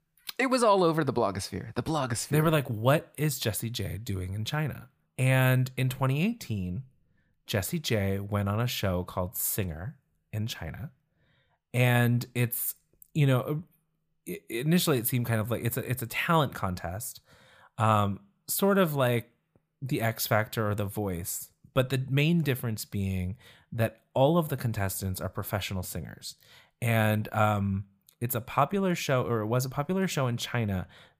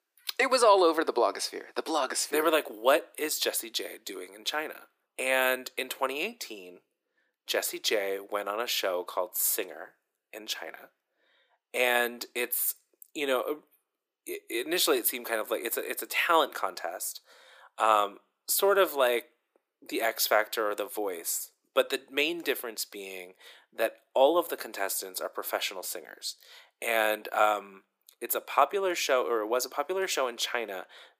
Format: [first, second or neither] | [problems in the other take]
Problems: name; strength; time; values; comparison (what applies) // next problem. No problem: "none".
first | thin; very; fading below 350 Hz